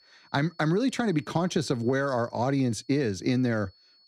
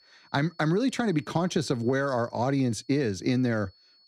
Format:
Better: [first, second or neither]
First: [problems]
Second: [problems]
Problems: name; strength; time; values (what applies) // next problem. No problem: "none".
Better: neither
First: high-pitched whine; faint; throughout; 4.5 kHz, 30 dB below the speech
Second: high-pitched whine; faint; throughout; 4.5 kHz, 30 dB below the speech